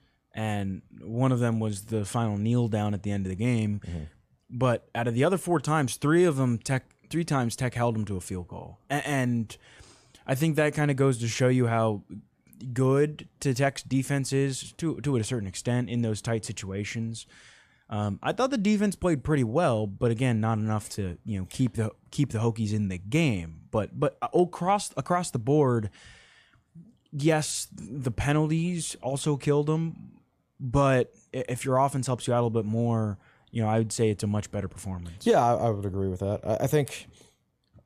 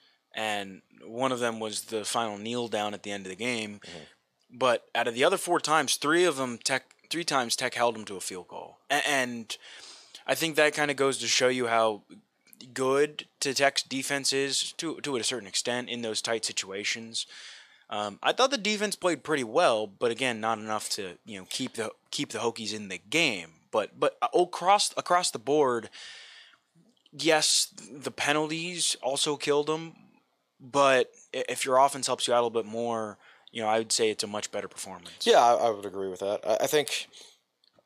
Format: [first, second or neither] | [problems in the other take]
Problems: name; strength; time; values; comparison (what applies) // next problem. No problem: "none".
first | thin; somewhat; fading below 450 Hz